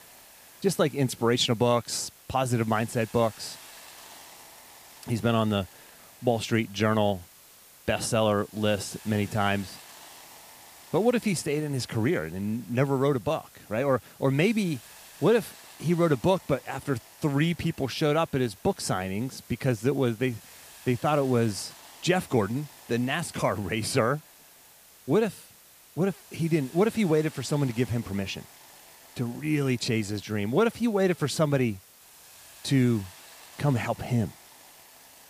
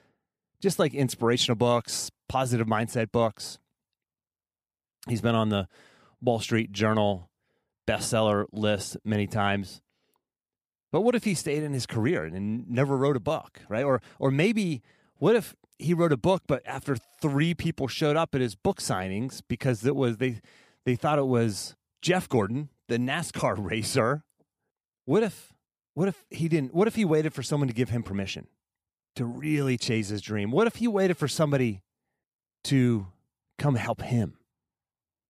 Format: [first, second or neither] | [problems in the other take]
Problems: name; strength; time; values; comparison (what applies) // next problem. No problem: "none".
second | hiss; faint; throughout; 20 dB below the speech